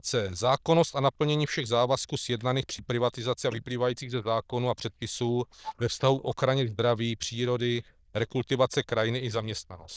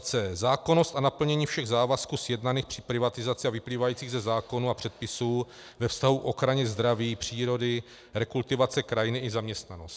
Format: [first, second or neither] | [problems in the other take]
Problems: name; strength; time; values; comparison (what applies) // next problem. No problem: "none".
second | noise reduction (neural diffusion model UNIVERSE++)